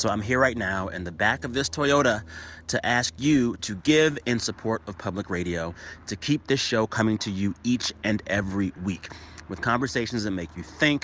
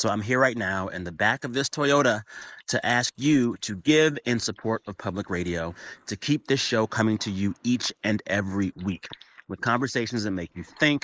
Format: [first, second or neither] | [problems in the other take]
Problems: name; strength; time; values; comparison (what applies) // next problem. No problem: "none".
first | noise reduction (neural mask model Resemble Enhance denoiser)